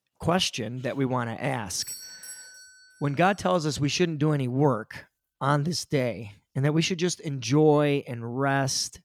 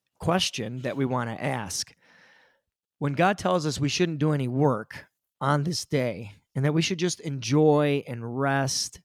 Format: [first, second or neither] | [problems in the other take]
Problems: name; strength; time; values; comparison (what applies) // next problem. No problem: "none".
second | doorbell; faint; from 1.5 to 3 s; peak 10 dB below the speech